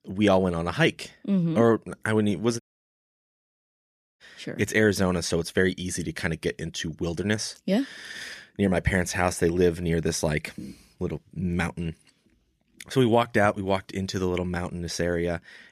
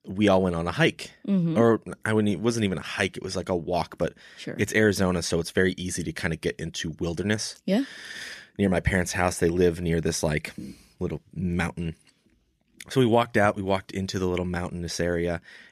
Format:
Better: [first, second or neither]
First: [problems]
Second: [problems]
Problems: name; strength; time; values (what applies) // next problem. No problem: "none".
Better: second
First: audio cutting out; at 2.5 s for 1.5 s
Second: none